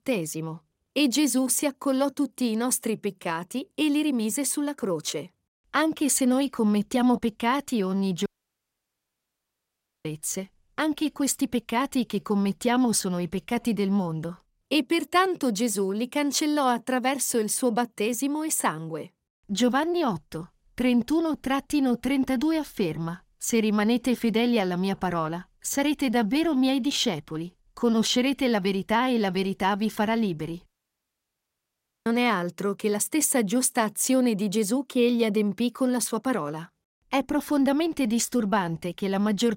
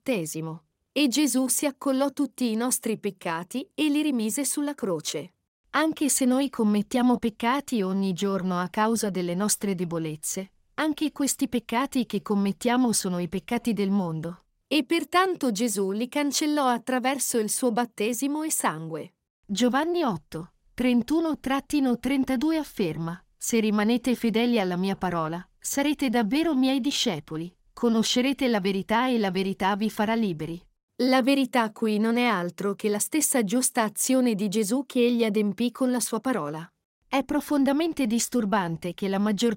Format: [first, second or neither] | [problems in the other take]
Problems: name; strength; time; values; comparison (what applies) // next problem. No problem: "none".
second | audio cutting out; at 8.5 s for 2 s and at 31 s for 1.5 s